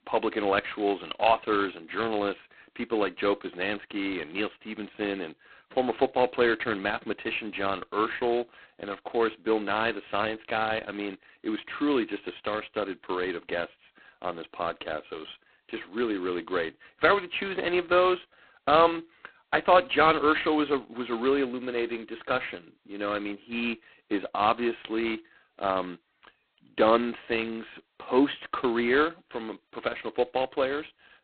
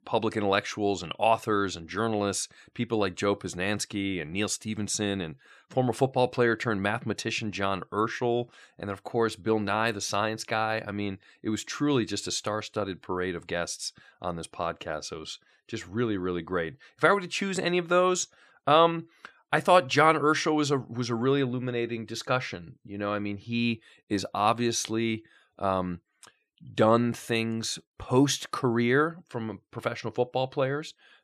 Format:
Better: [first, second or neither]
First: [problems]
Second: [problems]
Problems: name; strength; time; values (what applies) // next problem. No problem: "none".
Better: second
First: phone-call audio; poor line; nothing above 4 kHz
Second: none